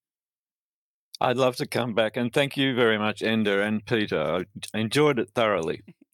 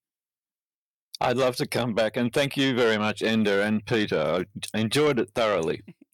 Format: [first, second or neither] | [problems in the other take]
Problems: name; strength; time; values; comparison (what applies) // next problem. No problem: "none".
first | distortion; slight; 10 dB below the speech